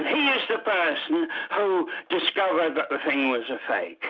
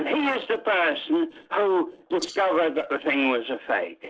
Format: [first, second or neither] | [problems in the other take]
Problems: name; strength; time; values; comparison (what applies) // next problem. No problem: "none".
first | noise reduction (neural separator model SepFormer DNS4)